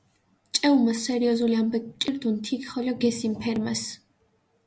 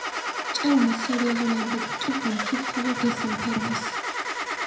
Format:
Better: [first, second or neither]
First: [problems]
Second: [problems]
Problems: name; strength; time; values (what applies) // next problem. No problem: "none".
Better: first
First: none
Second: background sound (Engine starting / Car); 3 dB below the speech // room echo; dies away in 0.5 s